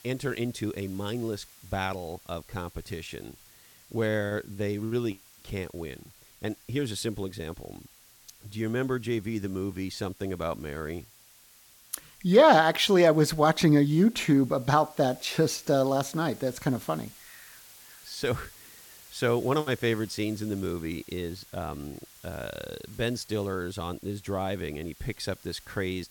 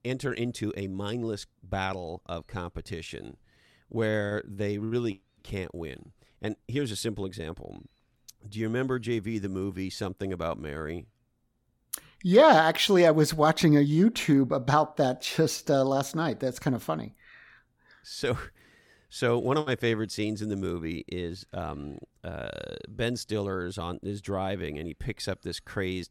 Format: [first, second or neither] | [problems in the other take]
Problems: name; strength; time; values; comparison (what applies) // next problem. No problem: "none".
second | hiss; faint; throughout; 25 dB below the speech